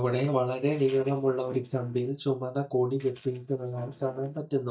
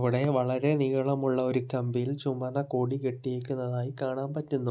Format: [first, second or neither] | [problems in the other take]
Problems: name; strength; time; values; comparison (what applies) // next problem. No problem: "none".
second | noise reduction (neural mask model DeepFilterNet 3)